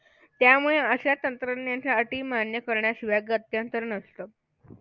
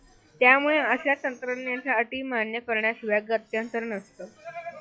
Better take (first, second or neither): first